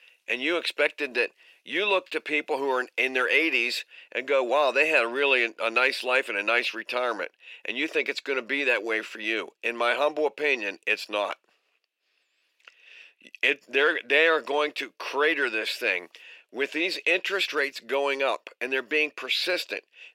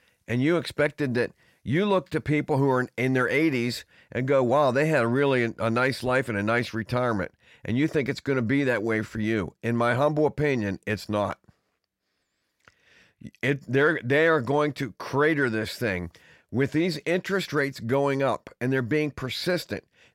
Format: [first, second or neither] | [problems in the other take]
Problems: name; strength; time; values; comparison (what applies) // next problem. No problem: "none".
second | thin; very; fading below 350 Hz